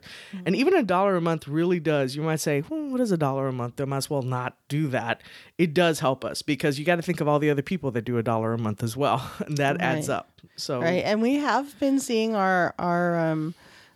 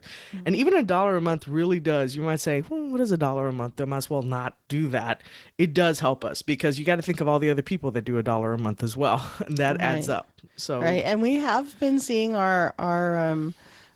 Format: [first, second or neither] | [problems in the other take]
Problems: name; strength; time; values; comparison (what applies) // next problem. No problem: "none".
first | garbled, watery; slightly